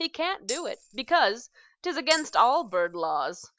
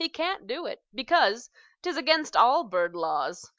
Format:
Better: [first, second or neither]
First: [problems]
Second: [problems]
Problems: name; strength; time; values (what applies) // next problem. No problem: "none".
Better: second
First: background sound (Tambourine); 15 dB below the speech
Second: none